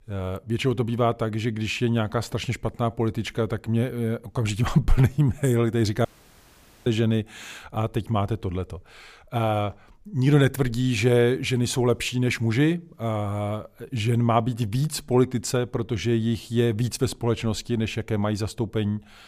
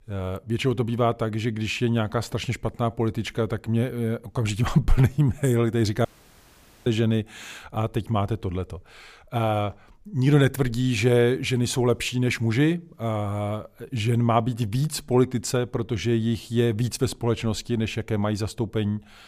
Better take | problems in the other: neither | audio cutting out; at 6 s for 1 s; the same in both

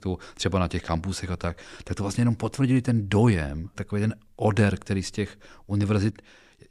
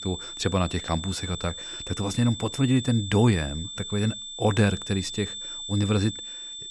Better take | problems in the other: first | high-pitched whine; loud; throughout; 3.5 kHz, 8 dB below the speech

